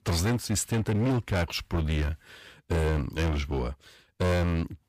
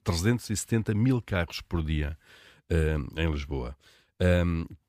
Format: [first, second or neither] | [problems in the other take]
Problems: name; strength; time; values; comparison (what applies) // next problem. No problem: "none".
second | distortion; heavy; 19% of the sound clipped